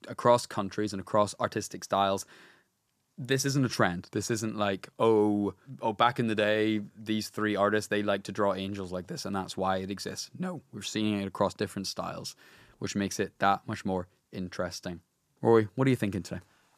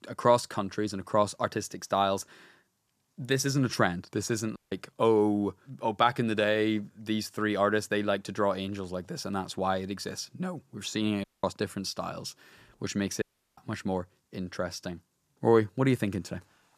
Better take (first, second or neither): first